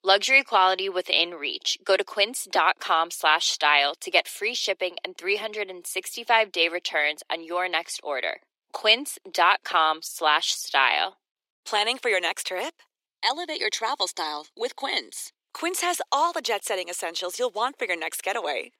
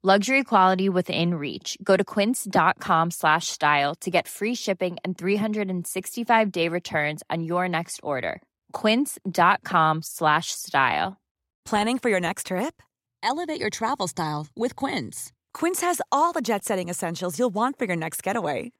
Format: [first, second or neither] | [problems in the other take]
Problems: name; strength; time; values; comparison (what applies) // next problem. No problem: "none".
second | thin; very; fading below 350 Hz